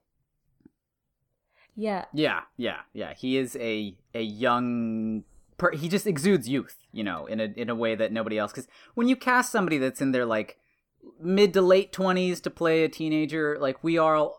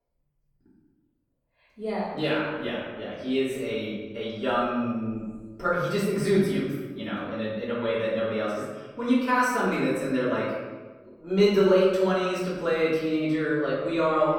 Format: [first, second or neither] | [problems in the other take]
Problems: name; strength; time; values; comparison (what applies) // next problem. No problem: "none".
first | off-mic speech; far // room echo; noticeable; dies away in 1.1 s